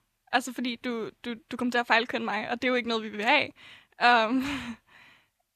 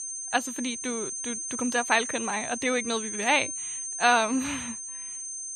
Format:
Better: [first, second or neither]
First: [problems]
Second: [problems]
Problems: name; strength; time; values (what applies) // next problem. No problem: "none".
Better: first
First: none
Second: high-pitched whine; loud; throughout; 6.5 kHz, 5 dB below the speech